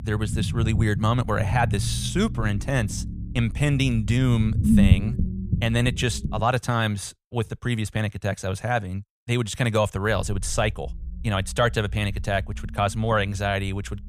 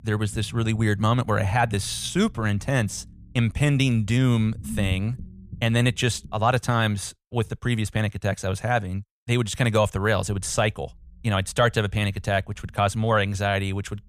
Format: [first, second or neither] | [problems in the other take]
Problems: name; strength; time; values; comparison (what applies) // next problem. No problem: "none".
second | low rumble; loud; until 6.5 s and from 10 s on; 10 dB below the speech; faint in the second